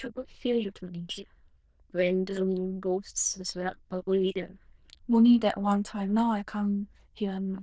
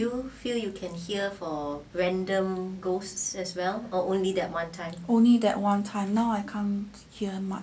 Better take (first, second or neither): second